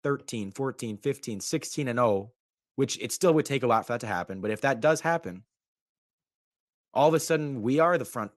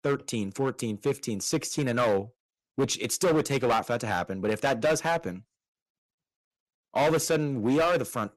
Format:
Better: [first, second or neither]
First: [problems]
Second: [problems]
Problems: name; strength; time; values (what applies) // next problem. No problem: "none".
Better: first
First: none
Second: distortion; heavy; 8% of the sound clipped